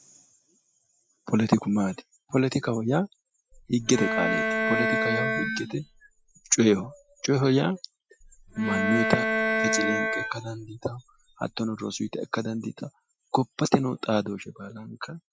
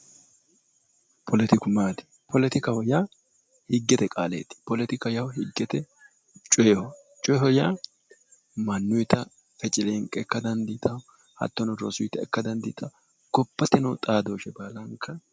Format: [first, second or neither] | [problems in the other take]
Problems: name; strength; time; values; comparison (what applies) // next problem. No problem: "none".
second | noise reduction (classical method Wiener filter)